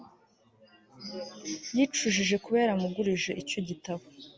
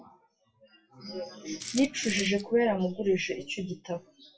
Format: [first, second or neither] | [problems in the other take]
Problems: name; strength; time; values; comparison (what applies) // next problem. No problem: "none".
first | noise reduction (classical method WPE with log-MMSE)